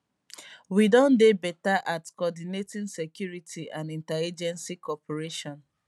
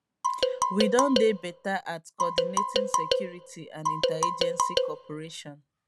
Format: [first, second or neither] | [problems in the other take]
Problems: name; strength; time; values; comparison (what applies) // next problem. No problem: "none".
first | background sound (Marimba, xylophone); 3 dB above the speech